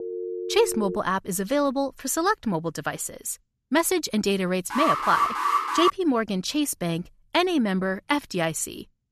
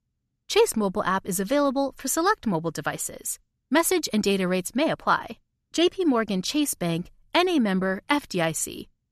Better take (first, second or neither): second